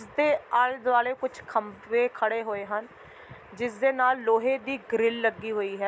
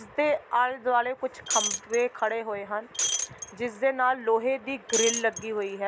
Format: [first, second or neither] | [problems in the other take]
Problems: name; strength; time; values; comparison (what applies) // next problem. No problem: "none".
first | background sound (Shatter); 3 dB below the speech